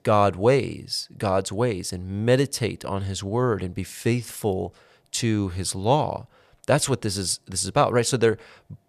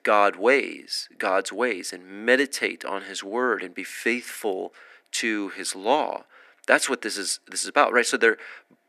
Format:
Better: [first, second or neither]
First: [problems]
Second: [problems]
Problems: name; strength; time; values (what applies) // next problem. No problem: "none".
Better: first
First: none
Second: thin; somewhat; fading below 250 Hz